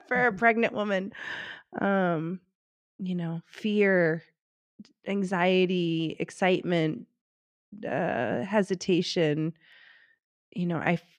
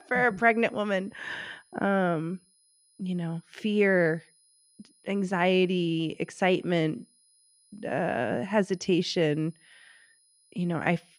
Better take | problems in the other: first | high-pitched whine; faint; throughout; 10.5 kHz, 35 dB below the speech

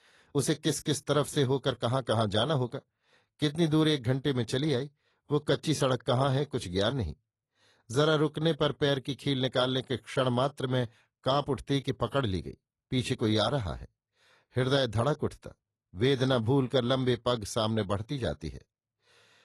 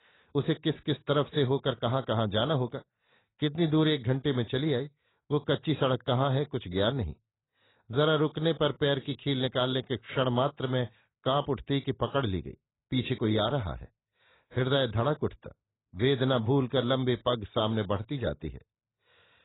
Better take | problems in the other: first | garbled, watery; badly; nothing above 4 kHz; slightly in the first

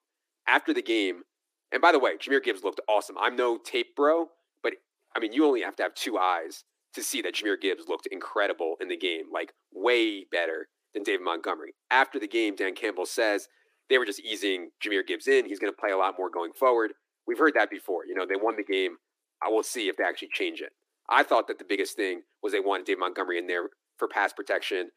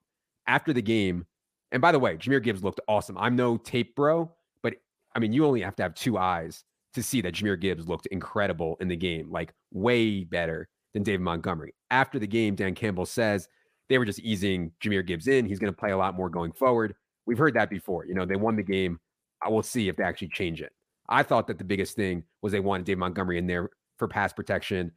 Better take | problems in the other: second | thin; somewhat; fading below 300 Hz

